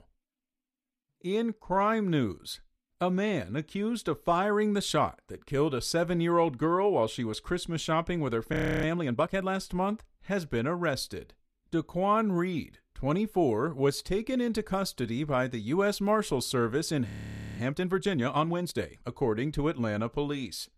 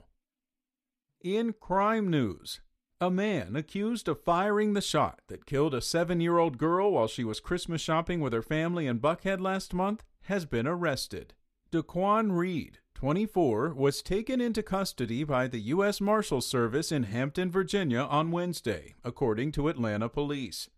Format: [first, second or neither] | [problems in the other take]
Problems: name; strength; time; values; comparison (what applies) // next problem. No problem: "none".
second | audio freezing; at 8.5 s and at 17 s